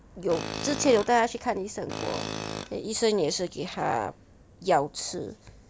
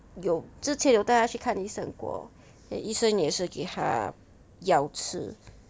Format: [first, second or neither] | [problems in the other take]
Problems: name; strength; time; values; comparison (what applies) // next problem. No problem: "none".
second | background sound (Tools); 9 dB below the speech